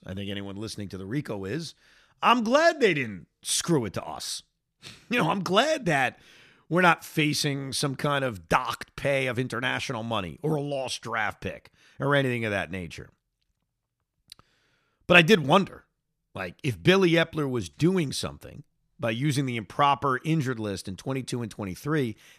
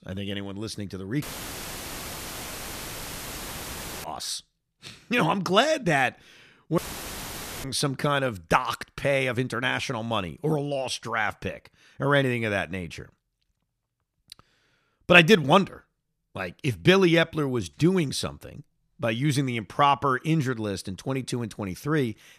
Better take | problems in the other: first | audio cutting out; filled with static; at 1 s for 3 s and at 7 s for 1 s

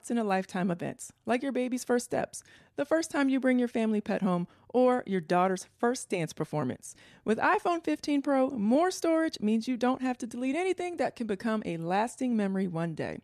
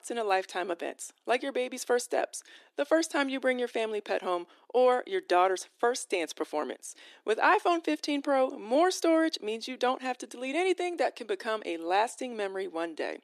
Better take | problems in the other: first | thin; somewhat; fading below 300 Hz

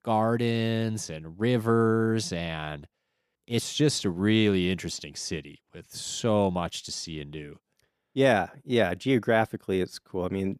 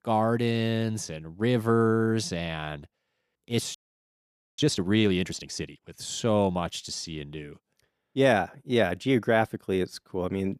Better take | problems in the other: first | audio freezing; at 4 s for 1 s

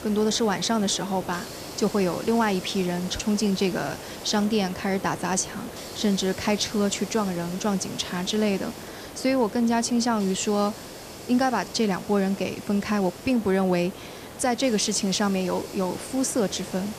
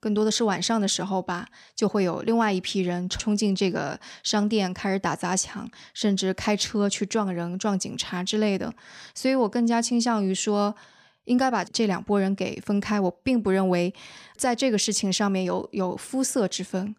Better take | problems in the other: second | hiss; noticeable; throughout; 15 dB below the speech

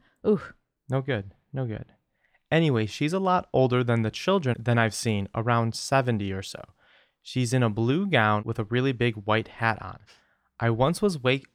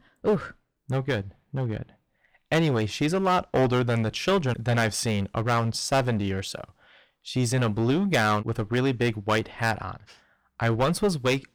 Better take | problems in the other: first | distortion; heavy; 9% of the sound clipped

